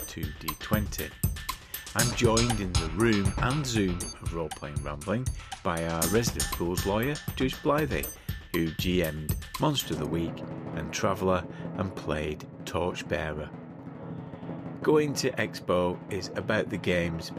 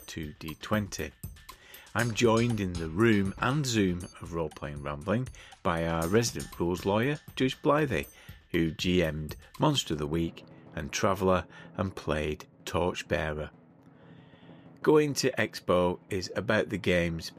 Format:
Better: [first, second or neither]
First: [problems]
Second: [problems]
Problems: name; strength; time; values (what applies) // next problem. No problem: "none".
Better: second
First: background music; loud; throughout; 6 dB below the speech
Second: background music; faint; throughout; 20 dB below the speech